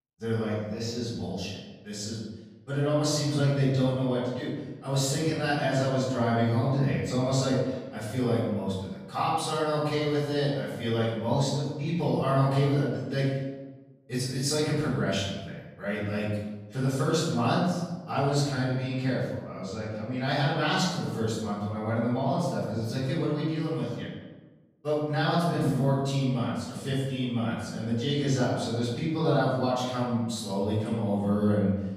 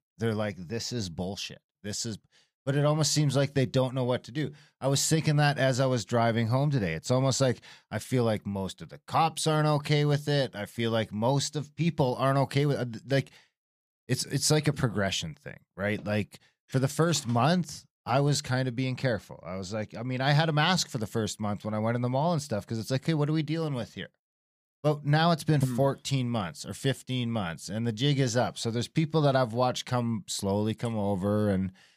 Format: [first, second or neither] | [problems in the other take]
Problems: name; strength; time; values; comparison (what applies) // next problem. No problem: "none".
second | off-mic speech; far // room echo; noticeable; dies away in 1 s